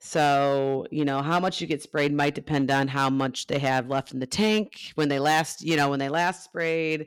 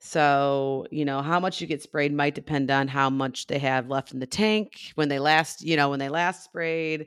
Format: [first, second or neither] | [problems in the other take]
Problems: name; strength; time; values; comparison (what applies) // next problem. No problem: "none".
second | distortion; slight; 5% of the sound clipped